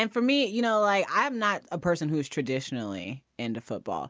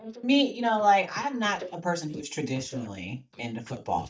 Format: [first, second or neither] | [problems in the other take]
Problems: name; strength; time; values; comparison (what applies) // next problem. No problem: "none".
first | noise reduction (neural mask model DeepFilterNet 3)